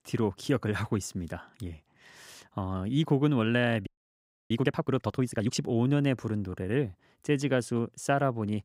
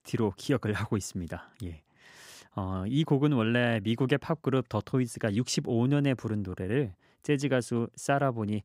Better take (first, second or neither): second